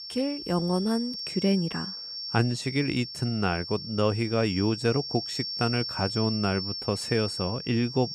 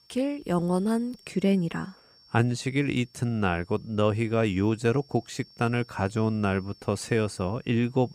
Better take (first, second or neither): second